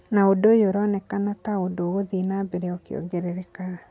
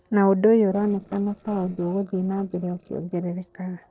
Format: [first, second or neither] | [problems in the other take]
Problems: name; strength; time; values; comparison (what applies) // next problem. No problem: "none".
first | noise reduction (neural separator model SepFormer DNS4)